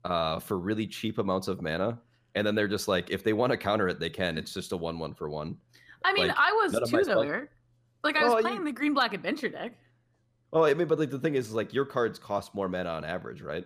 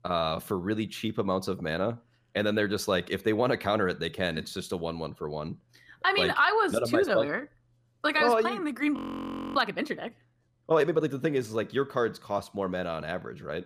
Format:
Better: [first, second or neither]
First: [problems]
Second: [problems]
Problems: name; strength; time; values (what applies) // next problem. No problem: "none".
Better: first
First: none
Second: audio freezing; at 9 s for 0.5 s